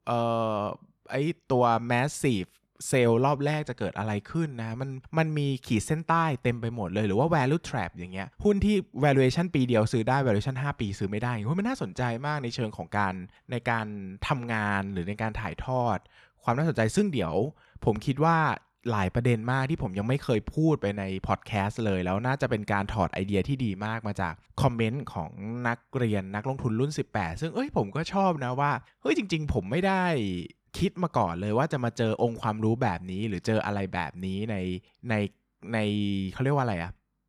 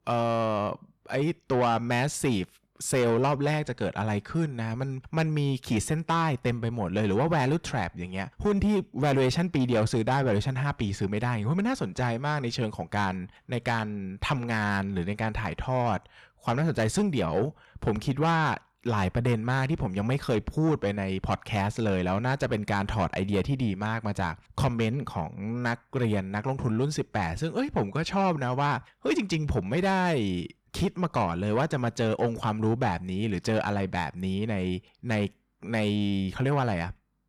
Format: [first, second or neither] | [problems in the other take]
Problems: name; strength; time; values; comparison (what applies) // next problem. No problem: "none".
first | distortion; slight; 10 dB below the speech